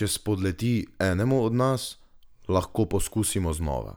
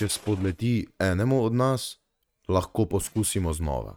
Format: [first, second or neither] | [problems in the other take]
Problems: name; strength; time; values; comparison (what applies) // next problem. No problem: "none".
first | noise reduction (neural mask model RNNoise)